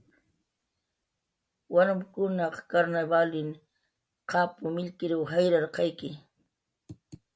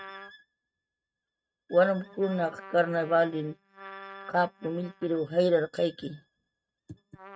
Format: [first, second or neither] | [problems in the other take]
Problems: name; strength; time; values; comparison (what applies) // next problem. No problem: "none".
first | noise reduction (neural mask model RNNoise)